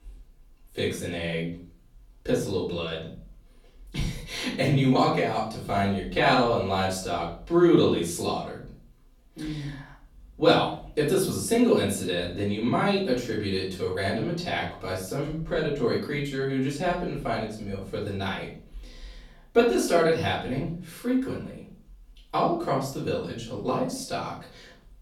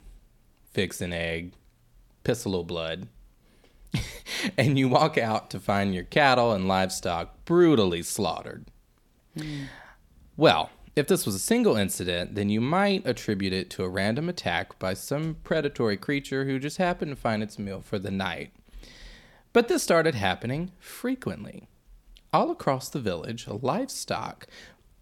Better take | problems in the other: second | room echo; slight; dies away in 0.4 s // off-mic speech; far

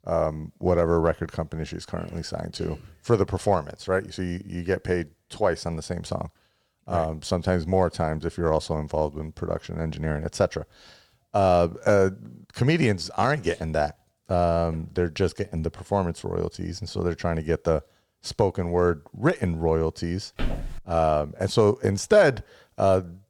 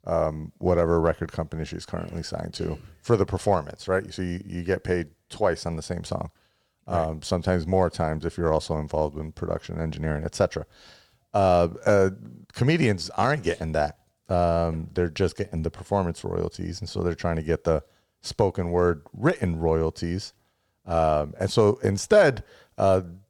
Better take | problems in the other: second | footsteps; noticeable; at 20 s; peak 7 dB below the speech

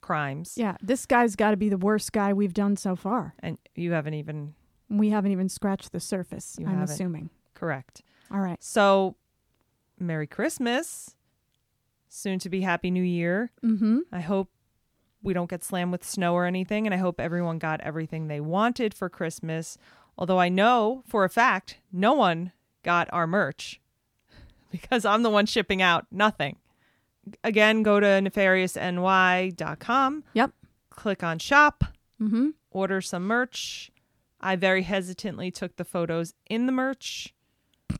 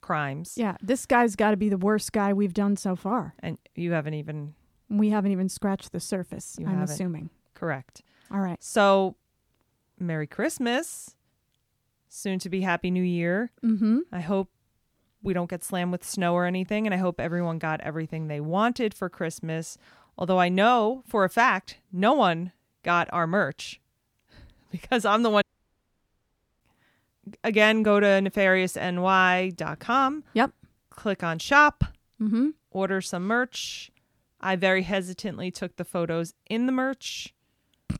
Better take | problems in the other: first | audio cutting out; at 25 s for 1 s

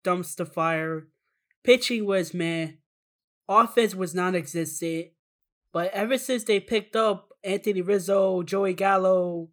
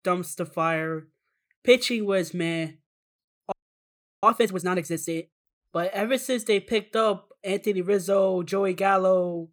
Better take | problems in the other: first | audio freezing; at 3.5 s for 0.5 s

